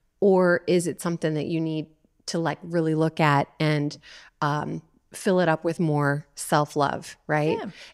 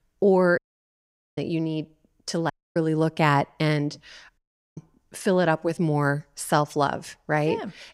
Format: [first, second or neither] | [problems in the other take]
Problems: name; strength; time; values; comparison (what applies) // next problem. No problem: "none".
first | audio cutting out; at 0.5 s for 1 s, at 2.5 s and at 4.5 s